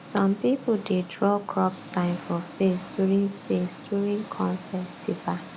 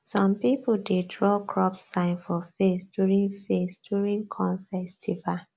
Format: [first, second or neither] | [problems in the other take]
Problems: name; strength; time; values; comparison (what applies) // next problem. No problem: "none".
second | background sound (Engine); 16 dB below the speech